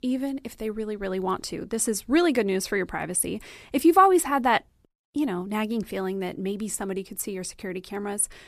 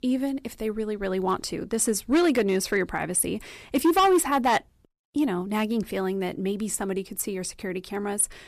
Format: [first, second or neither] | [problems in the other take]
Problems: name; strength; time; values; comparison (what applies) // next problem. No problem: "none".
first | distortion; slight; 3% of the sound clipped